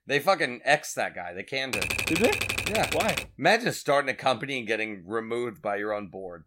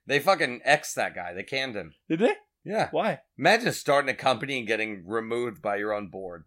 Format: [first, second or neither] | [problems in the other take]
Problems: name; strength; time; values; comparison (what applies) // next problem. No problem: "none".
second | keyboard typing; loud; from 1.5 to 3.5 s; peak 1 dB above the speech